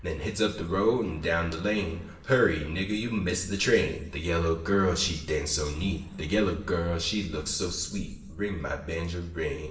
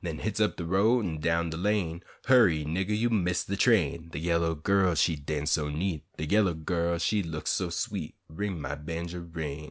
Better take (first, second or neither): second